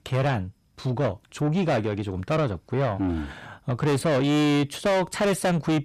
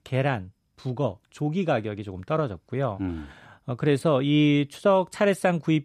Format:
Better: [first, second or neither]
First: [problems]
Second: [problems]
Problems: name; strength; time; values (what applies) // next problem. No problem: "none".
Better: second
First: distortion; heavy; 7 dB below the speech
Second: none